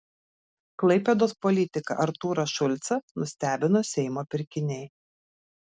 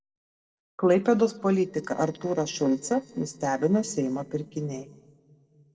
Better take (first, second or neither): first